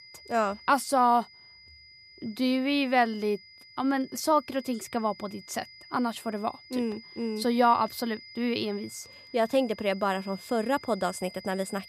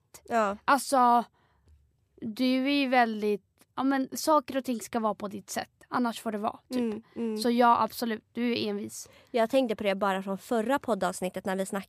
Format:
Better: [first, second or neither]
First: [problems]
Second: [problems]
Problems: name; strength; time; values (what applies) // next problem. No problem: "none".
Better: second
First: high-pitched whine; noticeable; throughout; 5 kHz, 20 dB below the speech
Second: none